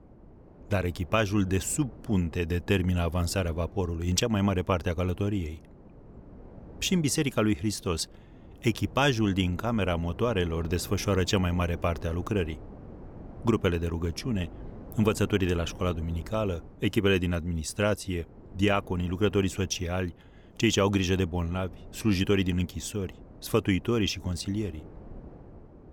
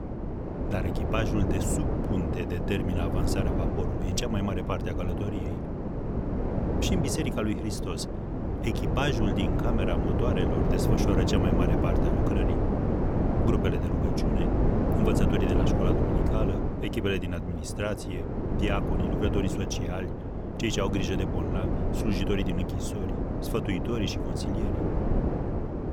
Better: first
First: wind noise on the microphone; occasional gusts; 20 dB below the speech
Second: wind noise on the microphone; heavy; 1 dB above the speech

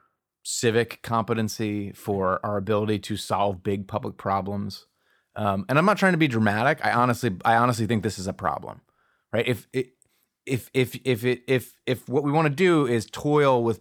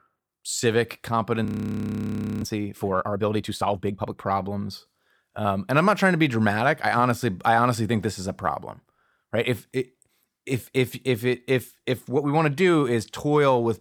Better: first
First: none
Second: audio freezing; at 1.5 s for 1 s

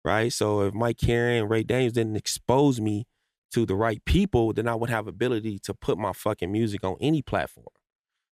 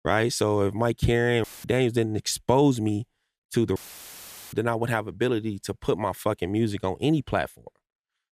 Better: first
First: none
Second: audio cutting out; filled with static; at 1.5 s and at 4 s for 1 s

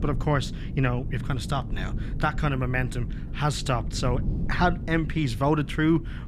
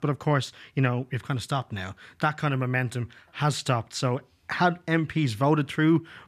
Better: second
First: wind noise on the microphone; occasional gusts; 15 dB below the speech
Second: none

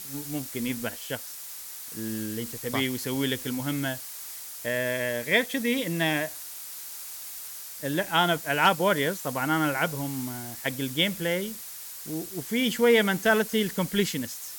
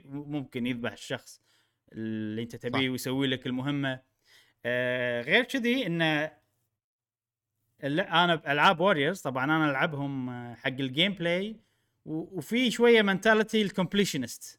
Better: second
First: hiss; loud; throughout; 10 dB below the speech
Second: none

